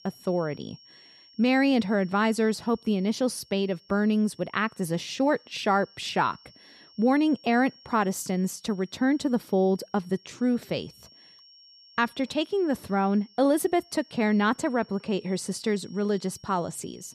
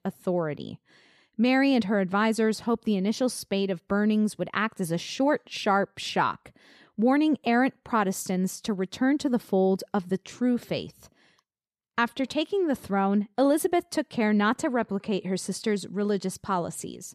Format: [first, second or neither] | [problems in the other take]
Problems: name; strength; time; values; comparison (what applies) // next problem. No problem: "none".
second | high-pitched whine; faint; throughout; 5.5 kHz, 25 dB below the speech